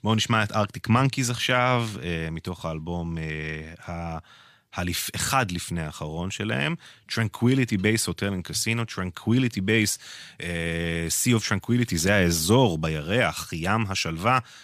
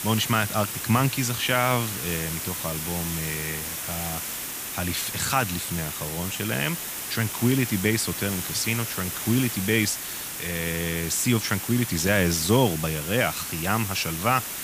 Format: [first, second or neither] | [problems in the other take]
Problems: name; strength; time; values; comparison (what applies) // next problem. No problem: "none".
first | hiss; loud; throughout; 4 dB below the speech